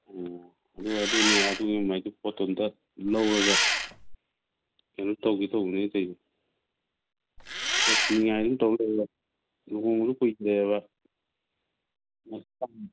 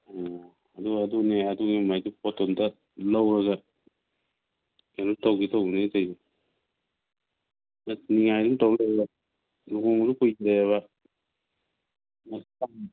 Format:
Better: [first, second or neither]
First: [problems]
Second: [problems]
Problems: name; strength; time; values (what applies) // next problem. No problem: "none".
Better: second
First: background sound (Engine); 2 dB above the speech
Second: none